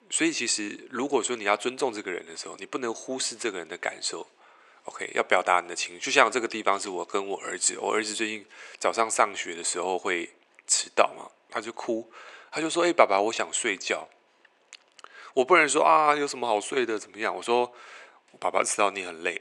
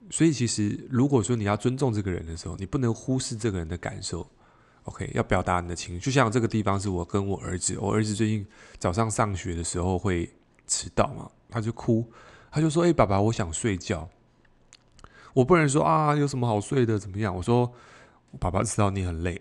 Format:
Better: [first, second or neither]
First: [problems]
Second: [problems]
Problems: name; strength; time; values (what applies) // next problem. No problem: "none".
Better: second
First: thin; very; fading below 400 Hz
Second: none